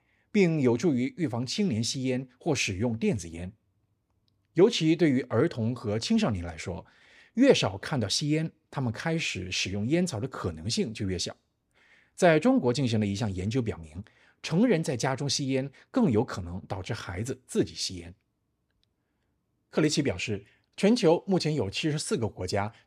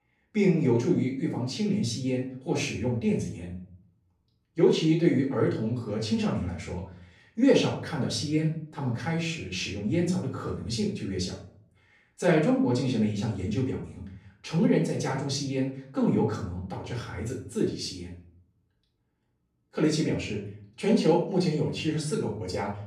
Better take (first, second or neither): first